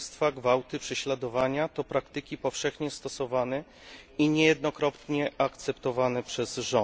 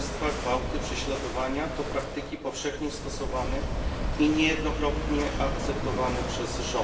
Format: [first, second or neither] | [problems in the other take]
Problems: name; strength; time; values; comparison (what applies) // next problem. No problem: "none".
first | background sound (Walk, footsteps / Waves, surf / Wind); 2 dB below the speech // room echo; dies away in 2.9 s